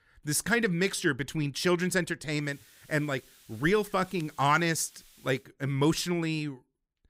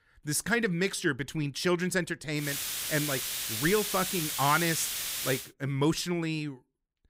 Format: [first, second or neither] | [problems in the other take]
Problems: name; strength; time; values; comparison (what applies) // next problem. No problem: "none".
first | hiss; loud; from 2.5 to 5.5 s; 1 dB below the speech; faint in the first